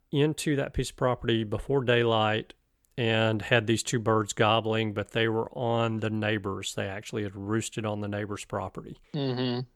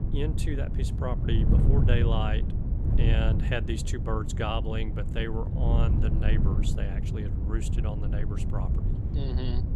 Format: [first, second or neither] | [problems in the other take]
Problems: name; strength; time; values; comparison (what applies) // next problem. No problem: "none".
first | wind noise on the microphone; heavy; 5 dB below the speech